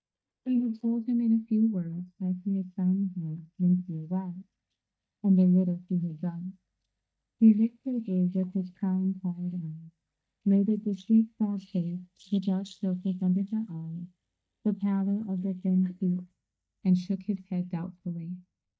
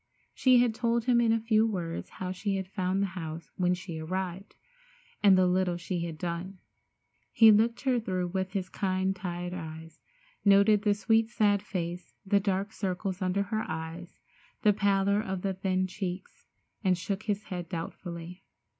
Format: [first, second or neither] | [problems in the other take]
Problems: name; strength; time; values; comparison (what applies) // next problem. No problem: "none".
second | noise reduction (neural mask model DeepFilterNet 3)